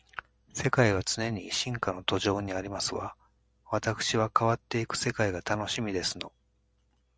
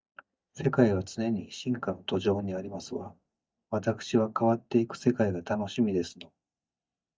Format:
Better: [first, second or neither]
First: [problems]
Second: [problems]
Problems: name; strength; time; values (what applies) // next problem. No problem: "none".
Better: first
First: none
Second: noise reduction (neural mask model DeepFilterNet 3)